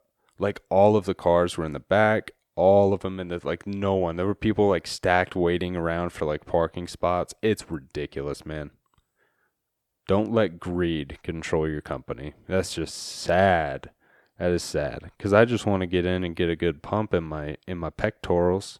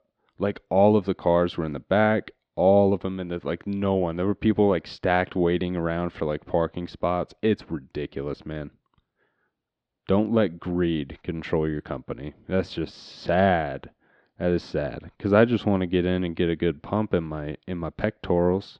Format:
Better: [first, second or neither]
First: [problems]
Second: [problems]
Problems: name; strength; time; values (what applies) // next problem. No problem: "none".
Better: first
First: none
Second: muffled; very slightly; fading above 4 kHz